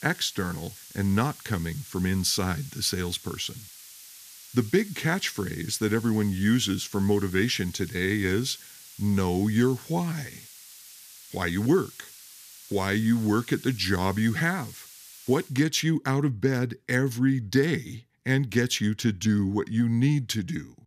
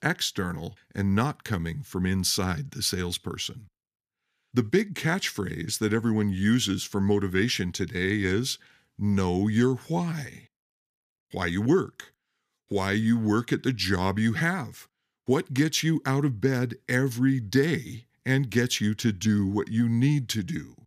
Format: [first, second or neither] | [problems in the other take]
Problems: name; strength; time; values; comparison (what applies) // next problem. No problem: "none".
second | hiss; noticeable; until 16 s; 20 dB below the speech